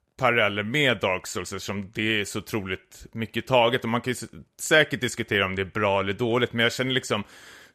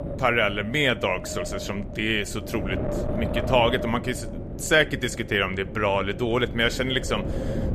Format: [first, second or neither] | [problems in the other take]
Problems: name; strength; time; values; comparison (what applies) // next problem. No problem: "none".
first | wind noise on the microphone; occasional gusts; 10 dB below the speech